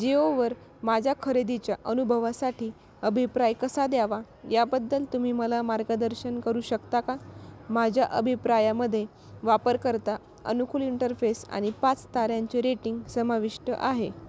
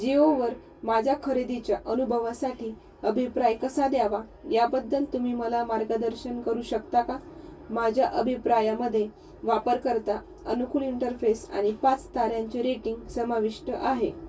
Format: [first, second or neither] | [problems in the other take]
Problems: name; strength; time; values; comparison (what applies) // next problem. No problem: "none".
first | room echo; dies away in 0.1 s